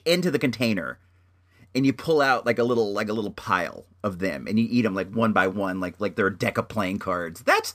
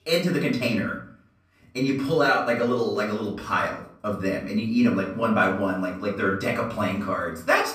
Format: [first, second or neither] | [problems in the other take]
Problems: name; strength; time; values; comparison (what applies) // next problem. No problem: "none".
first | room echo; slight; dies away in 0.5 s // off-mic speech; far